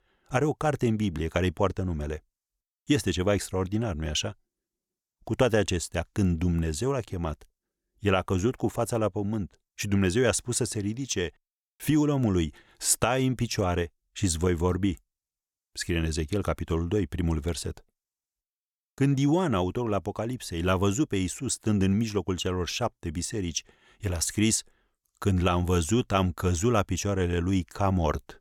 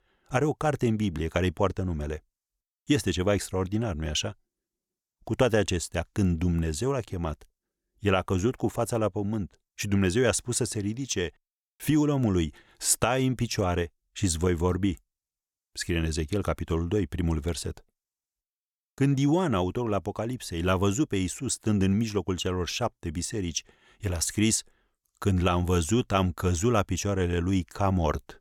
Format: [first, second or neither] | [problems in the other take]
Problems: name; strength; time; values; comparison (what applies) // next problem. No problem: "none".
neither | none